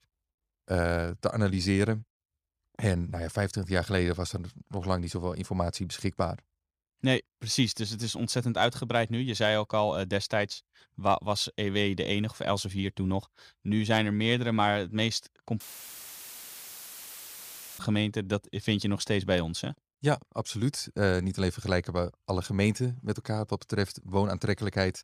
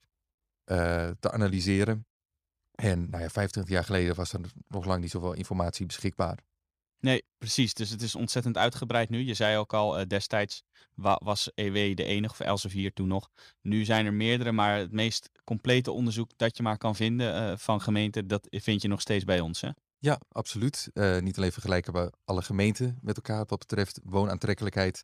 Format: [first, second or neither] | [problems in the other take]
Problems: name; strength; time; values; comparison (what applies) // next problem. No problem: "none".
second | audio cutting out; filled with static; at 16 s for 2 s